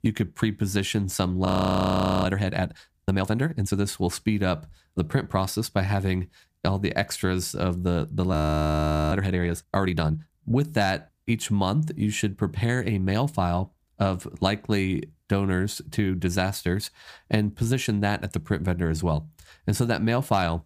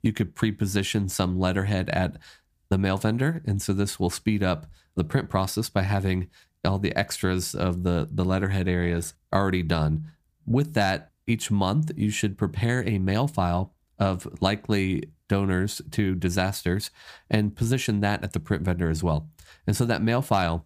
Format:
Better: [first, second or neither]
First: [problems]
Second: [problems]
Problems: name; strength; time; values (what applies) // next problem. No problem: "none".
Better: second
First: audio freezing; at 1.5 s for 1 s and at 8.5 s for 1 s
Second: none